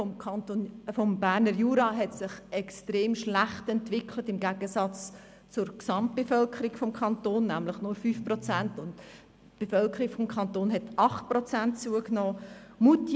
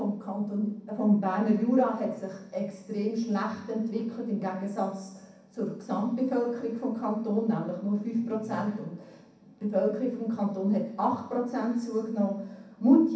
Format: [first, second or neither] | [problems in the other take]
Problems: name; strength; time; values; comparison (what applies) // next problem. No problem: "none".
first | room echo; dies away in 0.7 s